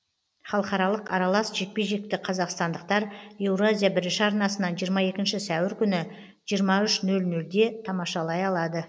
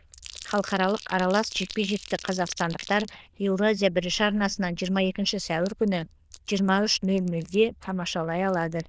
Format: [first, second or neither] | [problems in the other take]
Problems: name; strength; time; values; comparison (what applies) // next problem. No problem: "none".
first | noise reduction (neural diffusion model UNIVERSE++)